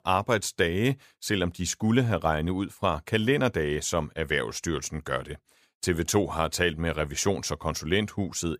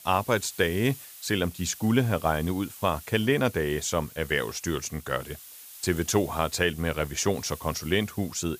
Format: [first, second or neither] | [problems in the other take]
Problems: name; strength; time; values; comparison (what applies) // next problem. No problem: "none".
first | hiss; noticeable; throughout; 15 dB below the speech